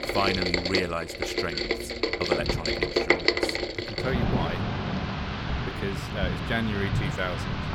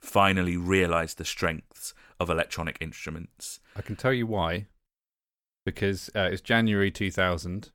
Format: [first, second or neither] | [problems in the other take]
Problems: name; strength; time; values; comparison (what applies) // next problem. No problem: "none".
second | rain or running water; very loud; throughout; 4 dB above the speech